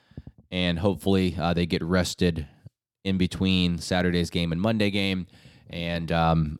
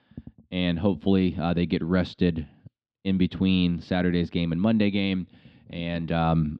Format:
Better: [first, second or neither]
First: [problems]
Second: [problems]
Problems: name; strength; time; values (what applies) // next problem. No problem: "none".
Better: first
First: none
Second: muffled; slightly; fading above 3.5 kHz